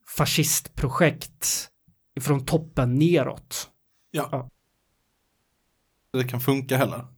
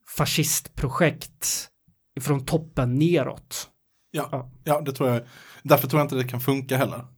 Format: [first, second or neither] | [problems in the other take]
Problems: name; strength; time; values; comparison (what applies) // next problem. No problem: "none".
second | audio cutting out; at 4.5 s for 1.5 s